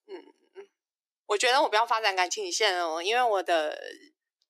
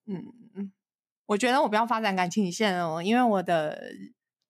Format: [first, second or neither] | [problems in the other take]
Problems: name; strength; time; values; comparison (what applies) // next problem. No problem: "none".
second | thin; very; fading below 300 Hz